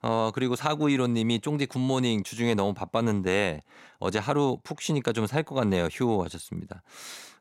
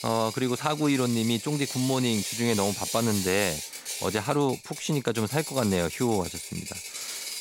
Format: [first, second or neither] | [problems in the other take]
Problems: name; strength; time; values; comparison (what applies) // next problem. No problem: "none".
first | machinery noise; loud; throughout; 7 dB below the speech